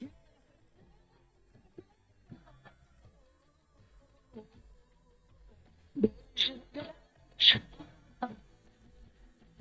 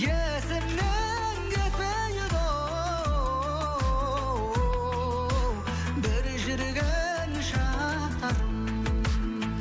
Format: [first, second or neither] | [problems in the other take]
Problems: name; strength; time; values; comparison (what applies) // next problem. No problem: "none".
second | noise reduction (neural mask model DeepFilterNet 3)